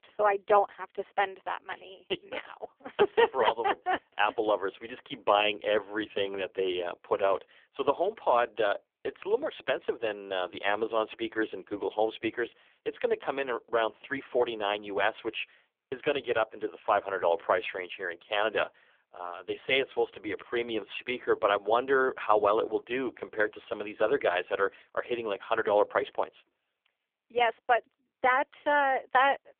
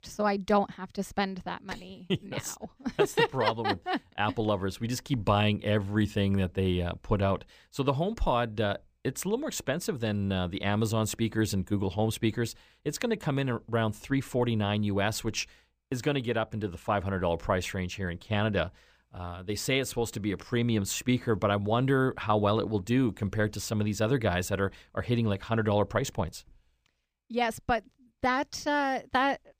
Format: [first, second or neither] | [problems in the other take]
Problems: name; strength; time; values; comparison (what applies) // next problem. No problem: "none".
second | phone-call audio; poor line; nothing above 3.5 kHz